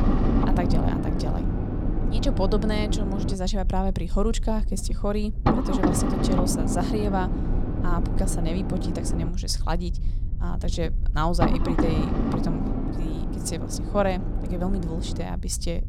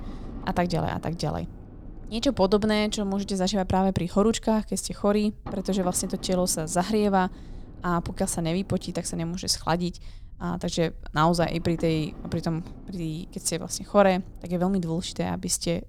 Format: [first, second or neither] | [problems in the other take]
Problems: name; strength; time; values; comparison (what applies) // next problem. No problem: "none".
second | low rumble; loud; throughout; 1 dB below the speech; faint in the second